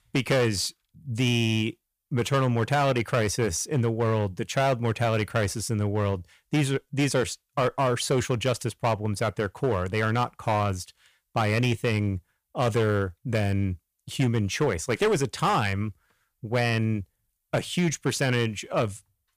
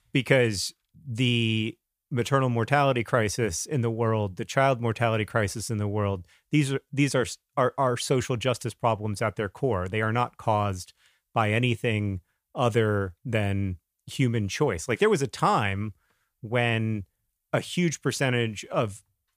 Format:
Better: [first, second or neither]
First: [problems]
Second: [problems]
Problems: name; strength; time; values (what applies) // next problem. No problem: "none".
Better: second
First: distortion; slight; 8% of the sound clipped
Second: none